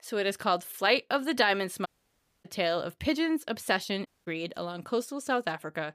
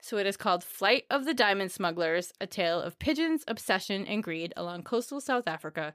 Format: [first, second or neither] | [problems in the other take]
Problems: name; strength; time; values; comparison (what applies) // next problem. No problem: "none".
second | audio cutting out; at 2 s for 0.5 s and at 4 s